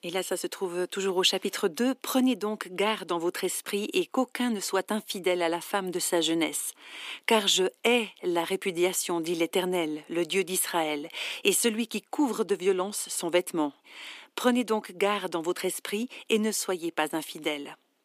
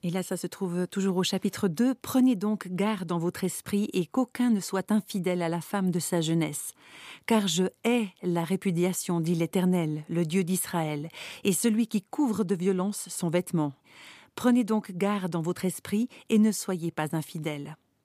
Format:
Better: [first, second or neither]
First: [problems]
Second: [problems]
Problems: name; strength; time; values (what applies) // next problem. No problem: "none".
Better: second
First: thin; somewhat; fading below 300 Hz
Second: none